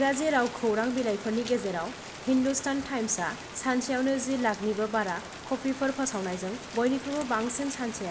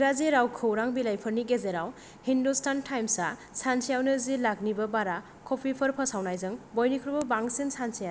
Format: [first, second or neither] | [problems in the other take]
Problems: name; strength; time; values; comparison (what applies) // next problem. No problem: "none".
second | background sound (Rain); 13 dB below the speech // room echo; dies away in 0.4 s